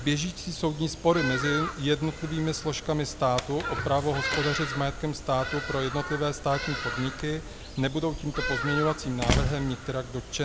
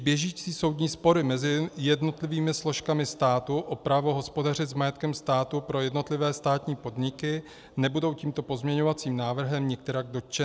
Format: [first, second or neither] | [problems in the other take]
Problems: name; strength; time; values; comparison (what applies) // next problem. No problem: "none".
second | background sound (Slam + Bird vocalization, bird call, bird song); 5 dB below the speech